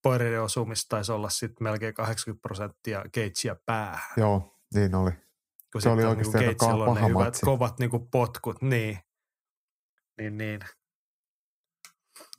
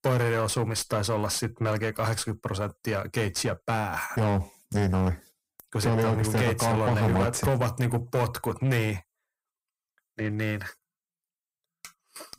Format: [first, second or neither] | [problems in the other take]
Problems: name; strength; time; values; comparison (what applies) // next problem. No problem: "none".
first | distortion; heavy; 7 dB below the speech